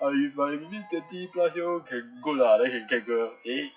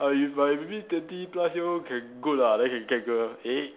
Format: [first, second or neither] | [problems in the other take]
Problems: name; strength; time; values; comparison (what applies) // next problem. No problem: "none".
second | noise reduction (classical method WPE with log-MMSE)